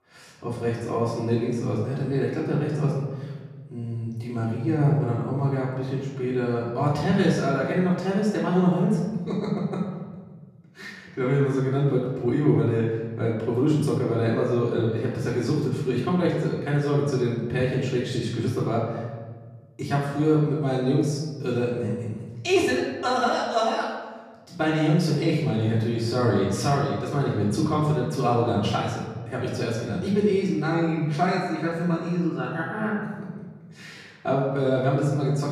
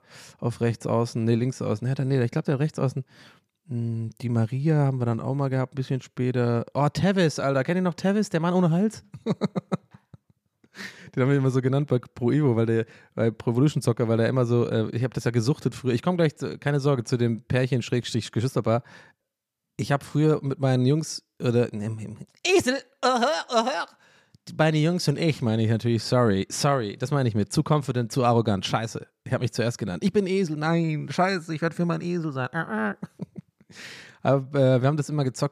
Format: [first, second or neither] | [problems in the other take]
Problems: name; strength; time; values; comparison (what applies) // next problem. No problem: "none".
second | off-mic speech; far // room echo; noticeable; dies away in 1.3 s